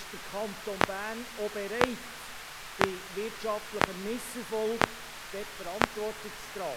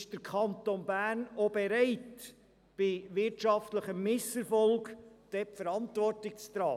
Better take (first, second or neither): second